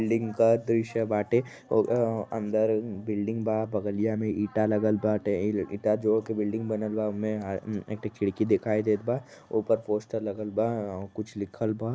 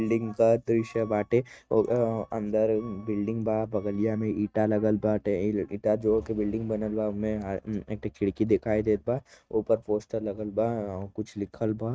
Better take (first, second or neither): first